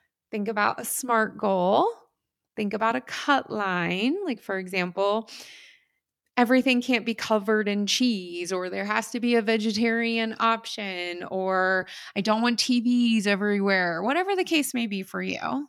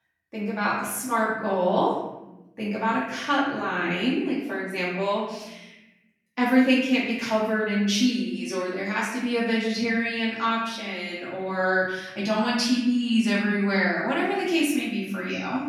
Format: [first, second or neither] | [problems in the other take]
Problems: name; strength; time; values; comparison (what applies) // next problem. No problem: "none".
first | room echo; noticeable; dies away in 0.9 s // off-mic speech; far